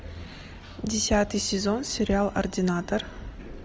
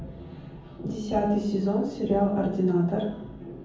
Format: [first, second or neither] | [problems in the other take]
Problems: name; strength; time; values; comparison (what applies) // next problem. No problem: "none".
first | room echo; dies away in 0.7 s